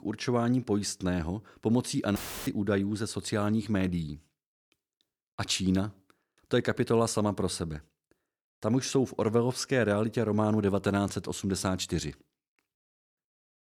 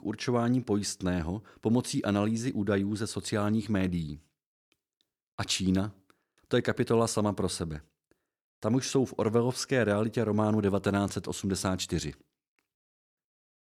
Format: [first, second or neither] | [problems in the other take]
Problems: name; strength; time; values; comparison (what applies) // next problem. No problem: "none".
second | audio cutting out; filled with static; at 2 s